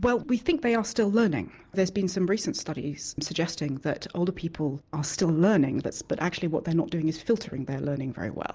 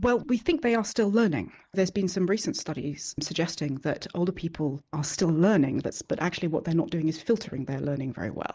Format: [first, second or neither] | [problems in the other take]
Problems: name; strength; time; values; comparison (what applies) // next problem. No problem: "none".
first | noise reduction (neural mask model Resemble Enhance denoiser)